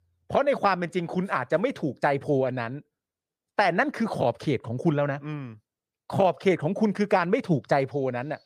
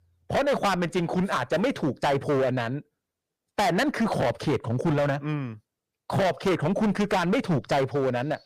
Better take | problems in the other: first | distortion; heavy; 15% of the sound clipped

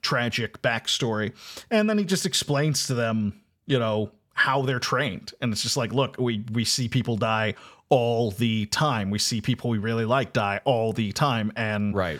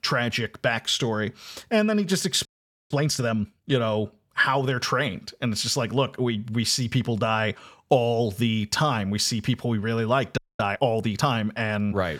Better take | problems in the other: first | audio freezing; at 2.5 s and at 10 s

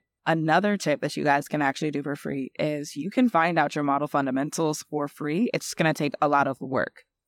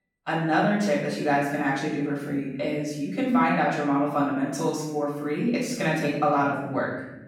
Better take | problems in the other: first | off-mic speech; far // room echo; noticeable; dies away in 1 s

